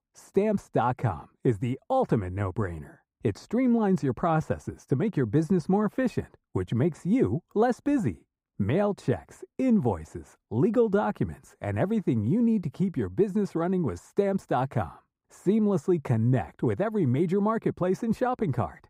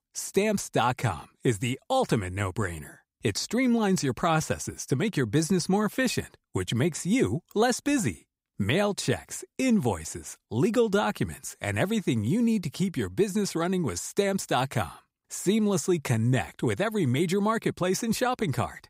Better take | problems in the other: second | muffled; very; fading above 2 kHz

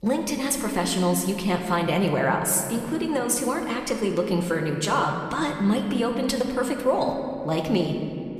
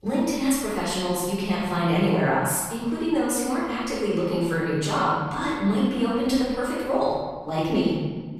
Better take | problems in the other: first | room echo; strong; dies away in 1.5 s; slight in the first // off-mic speech; far

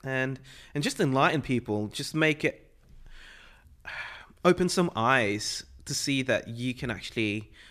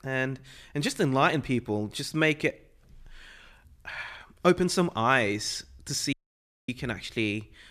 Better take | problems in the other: first | audio cutting out; at 6 s for 0.5 s

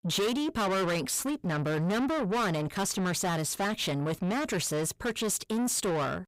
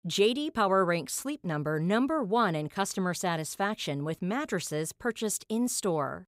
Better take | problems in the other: second | distortion; heavy; 6 dB below the speech

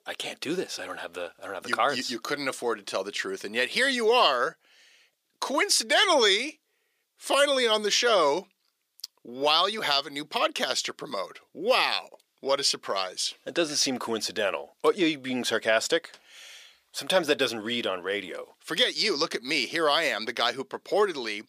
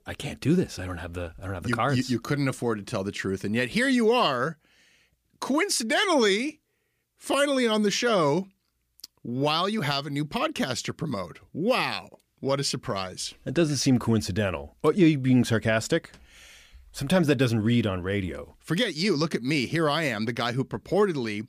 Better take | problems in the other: second | thin; somewhat; fading below 550 Hz

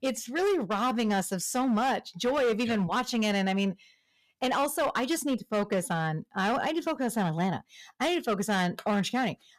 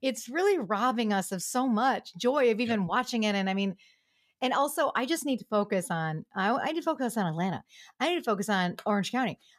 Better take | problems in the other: second | distortion; slight; 11% of the sound clipped

